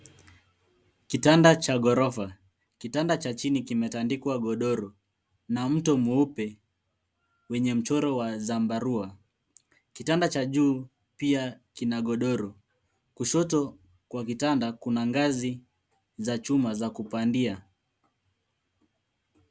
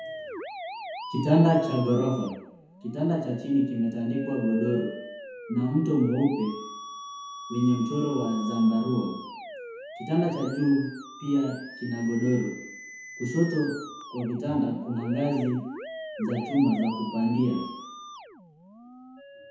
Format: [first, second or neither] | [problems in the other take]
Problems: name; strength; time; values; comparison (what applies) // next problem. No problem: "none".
first | background sound (Musical instrument); 13 dB below the speech // room echo; dies away in 0.9 s